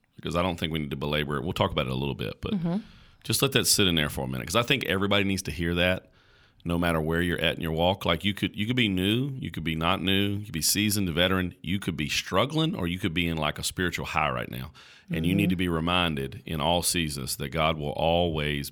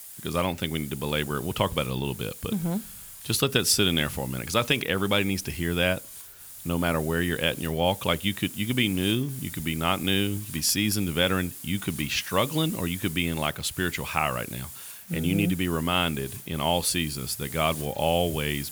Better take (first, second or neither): first